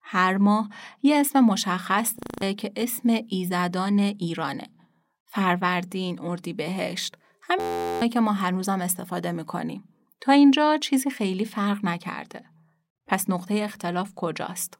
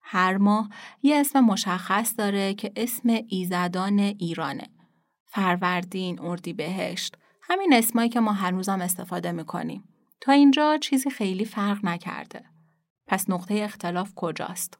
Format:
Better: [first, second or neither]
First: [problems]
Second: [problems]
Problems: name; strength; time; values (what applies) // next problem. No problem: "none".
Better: second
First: audio freezing; at 2 s and at 7.5 s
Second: none